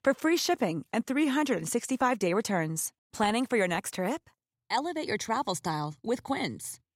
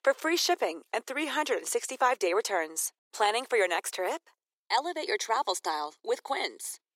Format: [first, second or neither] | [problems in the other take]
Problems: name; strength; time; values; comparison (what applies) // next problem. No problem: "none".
first | thin; very; fading below 400 Hz